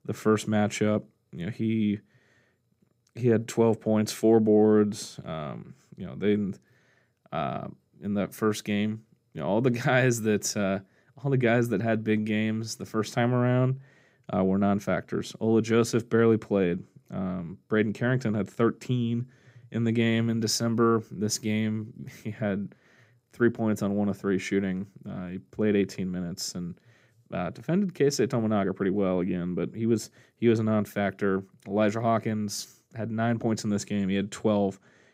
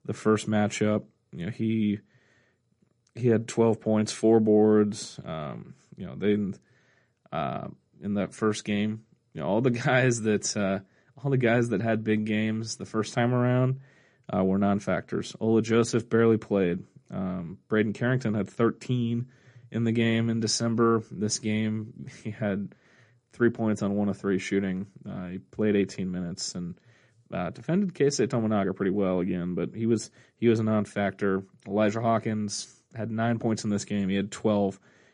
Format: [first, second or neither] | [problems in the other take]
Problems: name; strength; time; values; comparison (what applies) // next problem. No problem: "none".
first | garbled, watery; slightly; nothing above 10.5 kHz